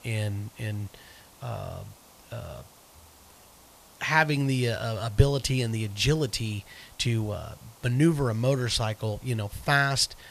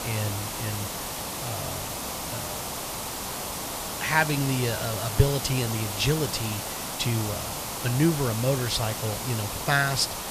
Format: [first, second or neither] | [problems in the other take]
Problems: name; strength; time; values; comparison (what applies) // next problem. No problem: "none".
first | hiss; loud; throughout; 4 dB below the speech; faint in the first